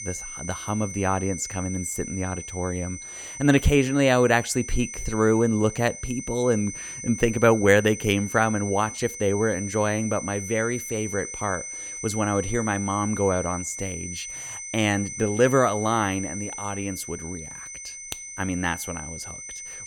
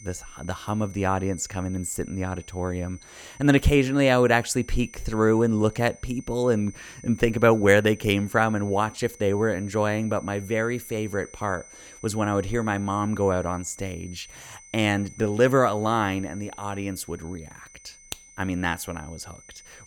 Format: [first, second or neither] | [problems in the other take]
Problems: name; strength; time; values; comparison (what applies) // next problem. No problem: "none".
second | high-pitched whine; loud; throughout; 6 kHz, 9 dB below the speech; faint in the second